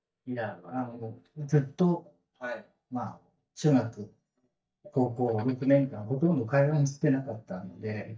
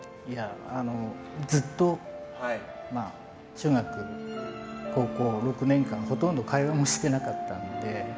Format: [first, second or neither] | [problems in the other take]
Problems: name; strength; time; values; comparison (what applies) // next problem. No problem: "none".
second | noise reduction (neural mask model DeepFilterNet 3)